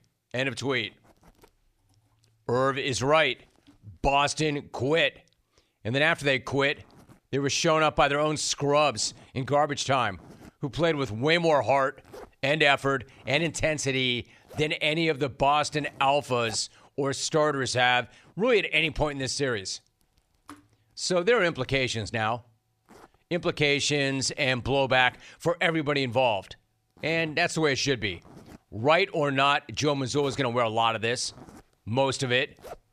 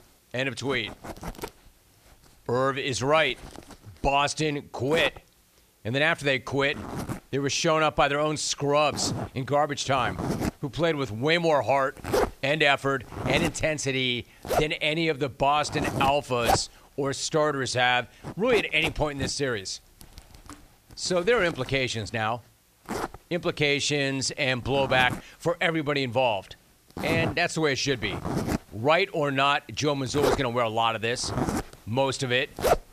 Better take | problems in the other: first | household noises; loud; throughout; 7 dB below the speech; faint in the first

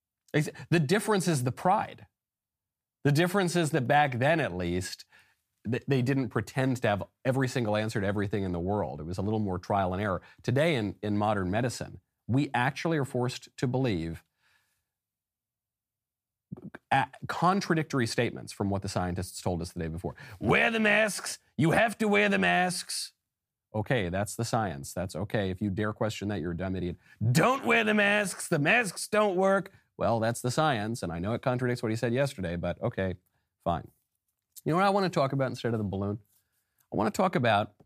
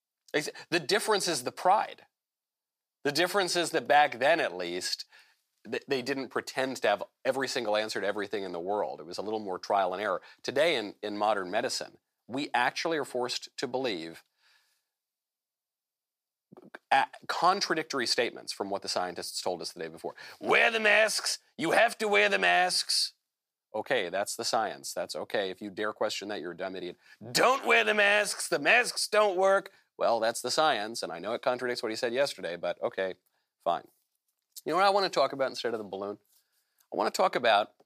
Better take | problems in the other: first | thin; somewhat; fading below 450 Hz

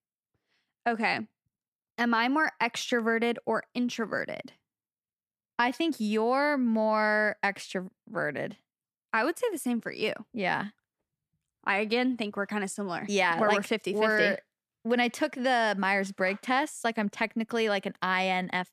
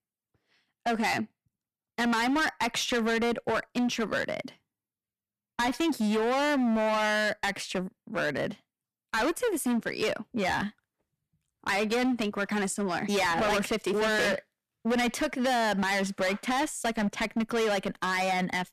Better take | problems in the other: first | distortion; heavy; 18% of the sound clipped

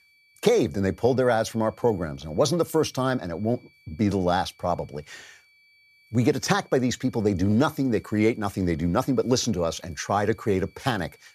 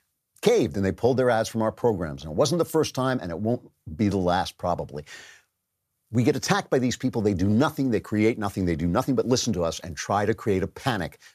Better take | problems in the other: second | high-pitched whine; faint; throughout; 2.5 kHz, 30 dB below the speech

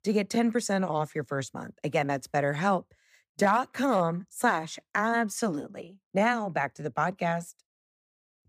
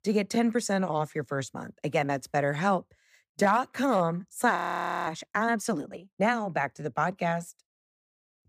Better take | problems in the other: first | audio freezing; at 4.5 s for 0.5 s

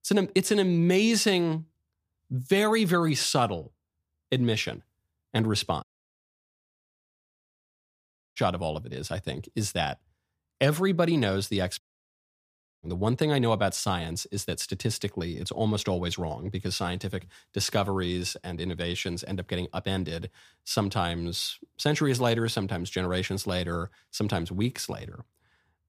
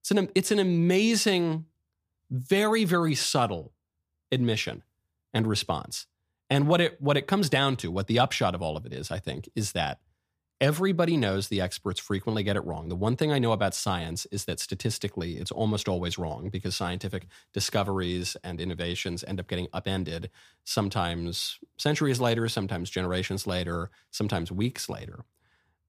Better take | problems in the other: second | audio cutting out; at 6 s for 2.5 s and at 12 s for 1 s

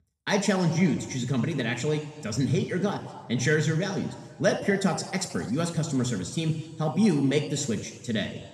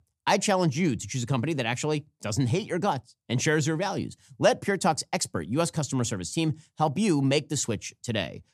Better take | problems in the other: second | room echo; slight; dies away in 1.6 s

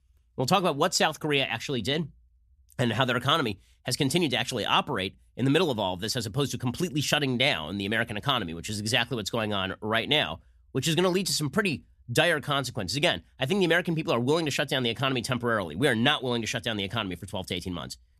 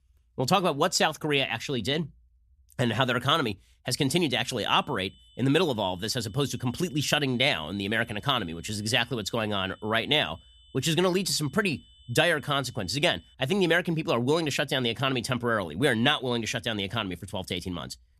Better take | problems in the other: first | high-pitched whine; faint; from 5 to 13 s; 3 kHz, 30 dB below the speech

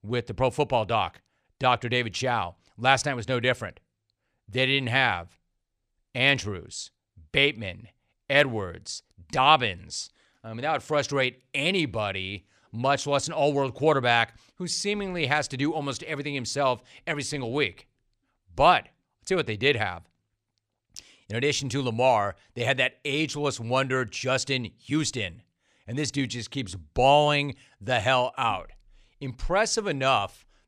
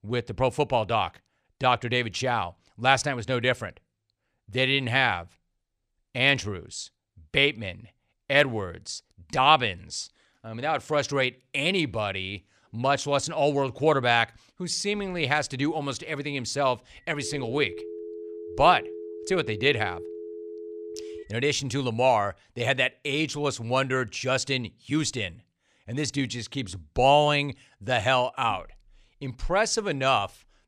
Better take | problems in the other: first | phone ringing; faint; from 17 to 21 s; peak 10 dB below the speech

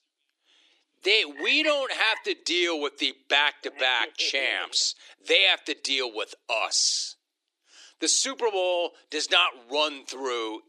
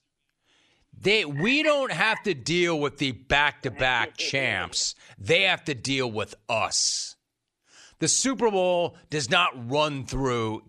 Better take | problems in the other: second | thin; somewhat; fading below 300 Hz

